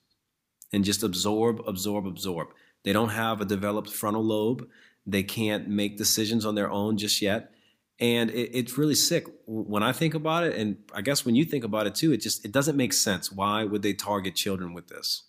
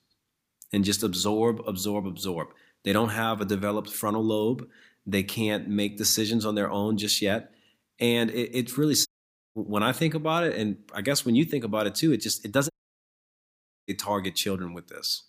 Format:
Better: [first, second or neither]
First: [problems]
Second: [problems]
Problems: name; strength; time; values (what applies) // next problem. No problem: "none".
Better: first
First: none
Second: audio cutting out; at 9 s and at 13 s for 1 s